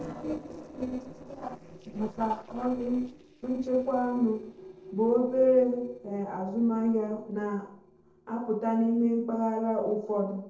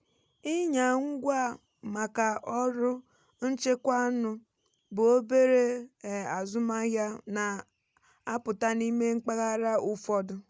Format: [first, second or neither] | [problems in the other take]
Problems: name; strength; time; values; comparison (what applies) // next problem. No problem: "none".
second | noise reduction (neural separator model SepFormer DNS4)